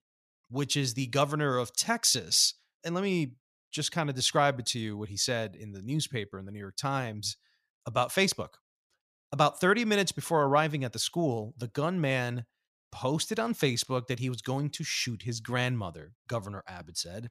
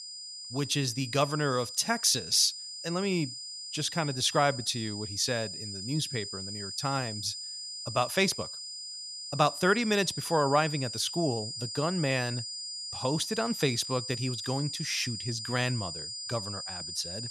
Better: first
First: none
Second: high-pitched whine; loud; throughout; 5 kHz, 7 dB below the speech

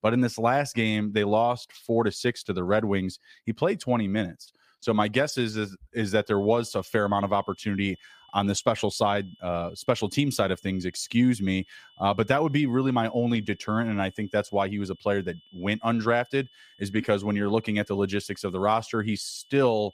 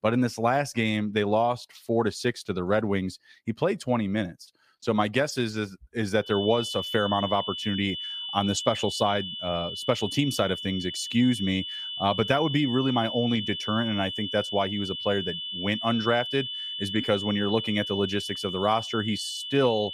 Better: first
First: high-pitched whine; faint; from 6.5 s on; 3 kHz, 30 dB below the speech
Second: high-pitched whine; loud; from 6.5 s on; 3 kHz, 5 dB below the speech

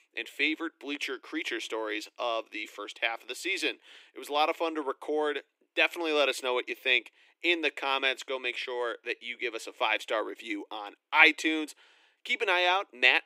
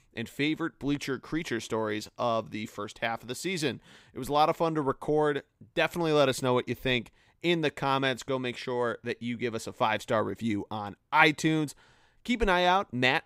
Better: second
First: thin; somewhat; fading below 300 Hz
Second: none

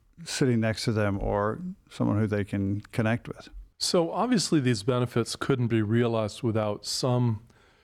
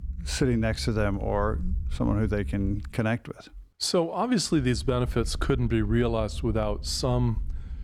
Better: first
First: none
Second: low rumble; faint; until 3 s and from 4.5 s on; 25 dB below the speech

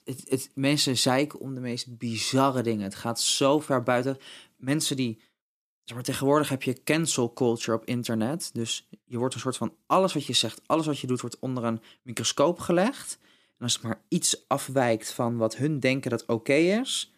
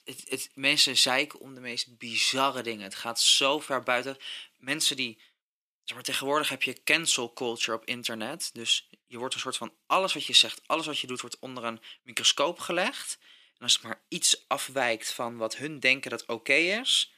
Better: first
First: none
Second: thin; somewhat; fading below 850 Hz

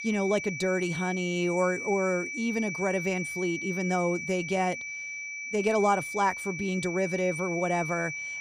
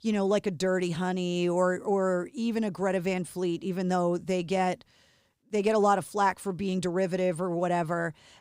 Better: second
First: high-pitched whine; loud; throughout; 2.5 kHz, 5 dB below the speech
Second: none

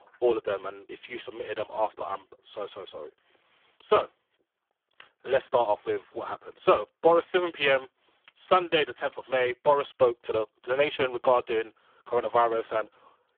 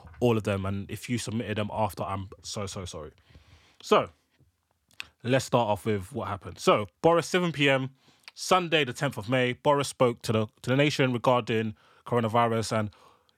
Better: second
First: phone-call audio; poor line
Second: none

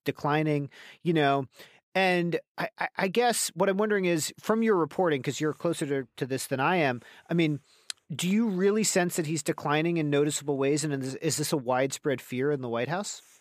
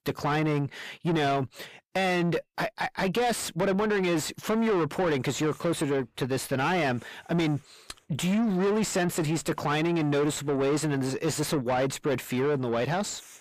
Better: first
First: none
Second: distortion; heavy; 7 dB below the speech

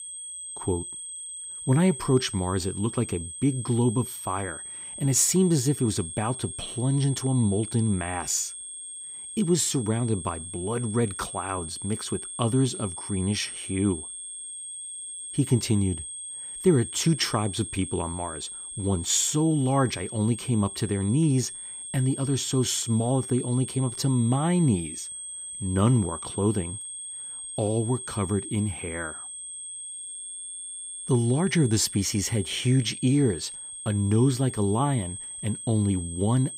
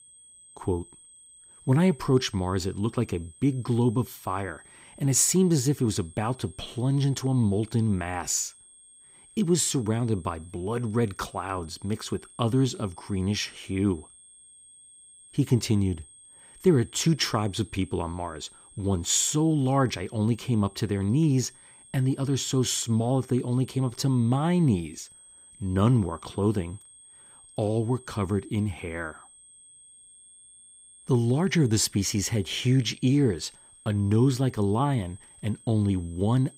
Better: second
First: high-pitched whine; loud; throughout; 8.5 kHz, 9 dB below the speech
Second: high-pitched whine; faint; throughout; 8.5 kHz, 25 dB below the speech

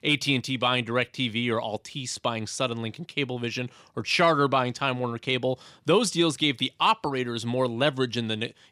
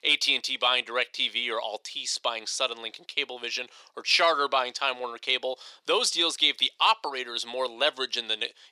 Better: first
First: none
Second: thin; very; fading below 500 Hz

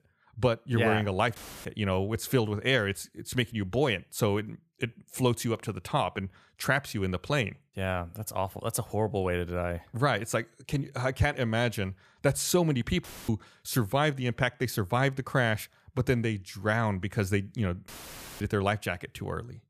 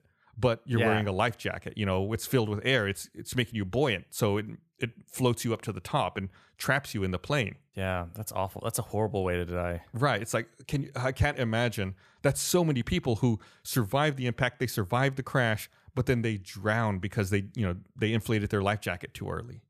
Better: second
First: audio cutting out; filled with static; at 1.5 s, at 13 s and at 18 s for 0.5 s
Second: none

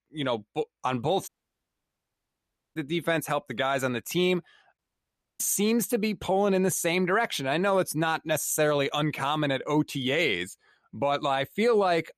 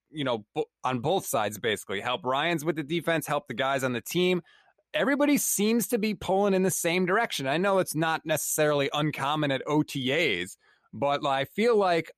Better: second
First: audio cutting out; at 1.5 s for 1.5 s and at 5 s for 0.5 s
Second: none

